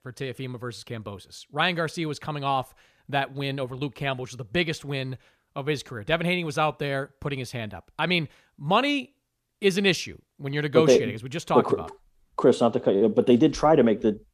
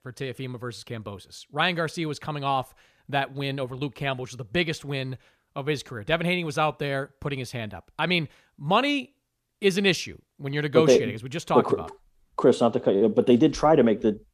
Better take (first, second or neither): neither